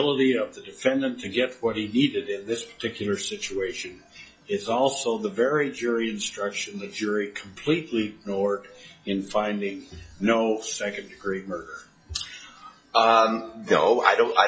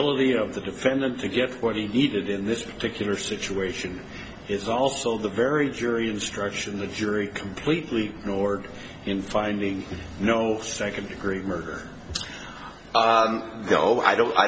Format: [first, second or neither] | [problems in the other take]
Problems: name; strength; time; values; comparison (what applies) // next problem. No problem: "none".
second | noise reduction (classical method log-MMSE)